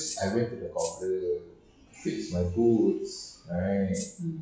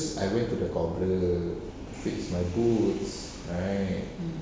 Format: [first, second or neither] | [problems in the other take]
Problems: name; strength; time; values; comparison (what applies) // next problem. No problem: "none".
second | noise reduction (classical method log-MMSE)